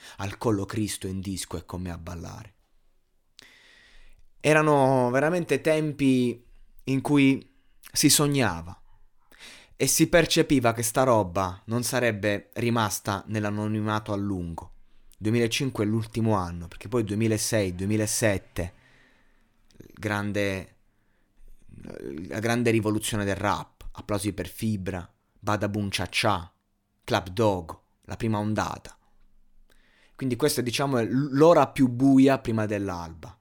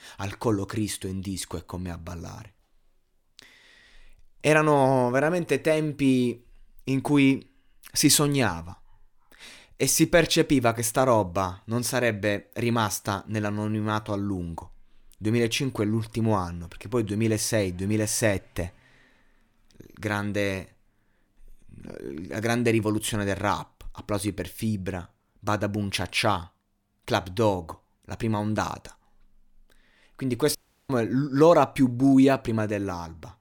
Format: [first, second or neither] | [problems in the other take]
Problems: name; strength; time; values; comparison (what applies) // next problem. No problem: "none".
first | audio cutting out; at 31 s